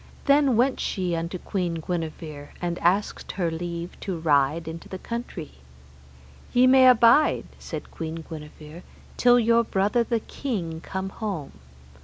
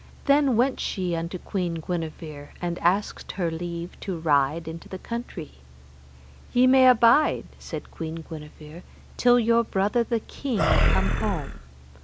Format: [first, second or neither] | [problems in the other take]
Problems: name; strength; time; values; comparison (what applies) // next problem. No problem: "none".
first | background sound (Animal); 3 dB above the speech